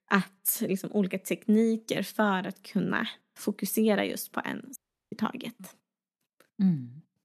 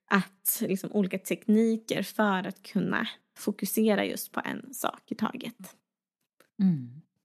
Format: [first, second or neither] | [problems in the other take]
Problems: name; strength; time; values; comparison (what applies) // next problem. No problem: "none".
second | audio cutting out; at 5 s